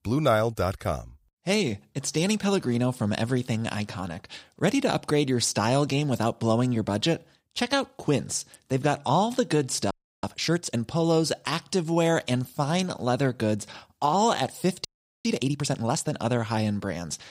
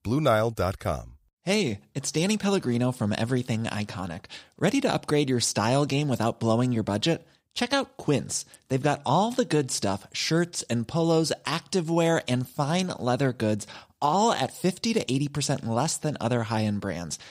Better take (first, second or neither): second